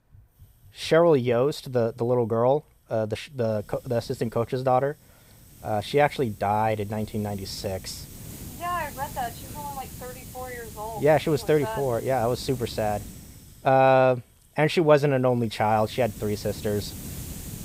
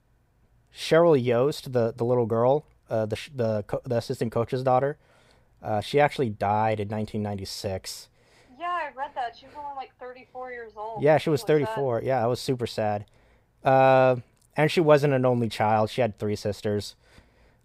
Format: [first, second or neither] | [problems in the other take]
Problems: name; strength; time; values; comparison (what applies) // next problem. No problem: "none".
second | hiss; noticeable; throughout; 15 dB below the speech